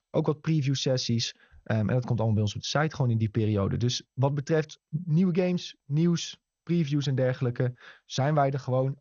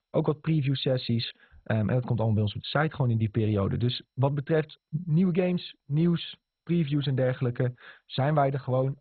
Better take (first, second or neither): first